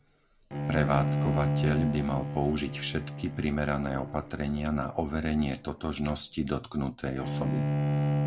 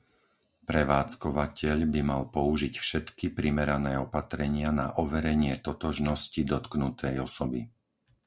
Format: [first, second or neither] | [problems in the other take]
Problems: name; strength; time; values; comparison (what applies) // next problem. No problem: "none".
second | background sound (Bowed string instrument); 1 dB below the speech